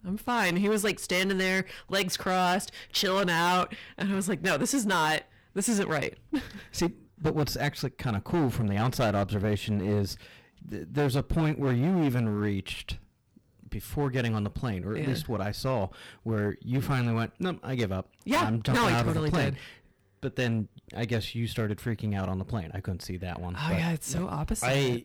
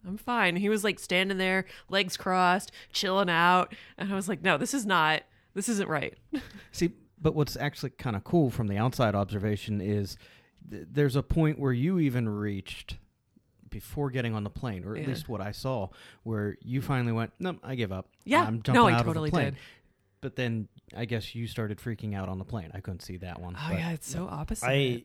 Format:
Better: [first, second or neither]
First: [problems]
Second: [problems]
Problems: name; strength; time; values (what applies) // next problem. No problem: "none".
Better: second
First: distortion; heavy; 10% of the sound clipped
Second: none